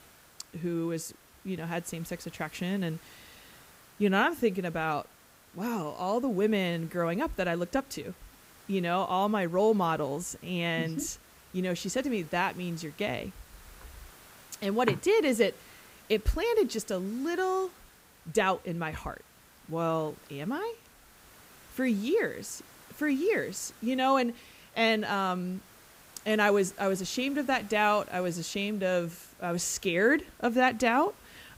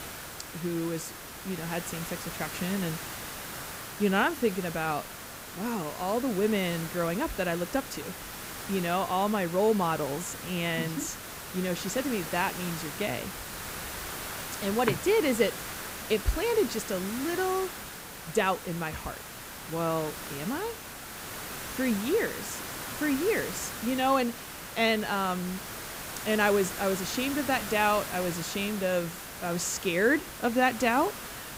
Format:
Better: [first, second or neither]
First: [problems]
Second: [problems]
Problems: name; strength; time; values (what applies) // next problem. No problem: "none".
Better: first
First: hiss; faint; throughout; 25 dB below the speech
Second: hiss; loud; throughout; 8 dB below the speech